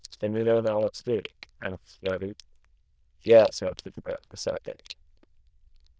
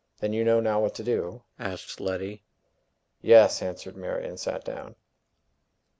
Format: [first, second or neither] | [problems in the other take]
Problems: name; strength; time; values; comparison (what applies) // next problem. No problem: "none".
second | noise reduction (neural diffusion model UNIVERSE++)